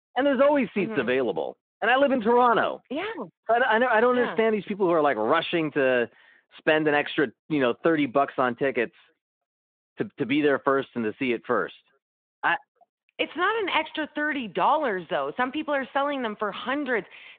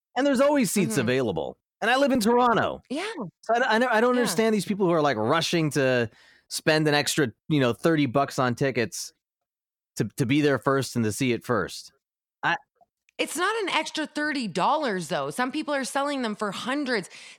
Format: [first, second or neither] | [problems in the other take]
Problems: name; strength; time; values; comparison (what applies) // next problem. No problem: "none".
second | phone-call audio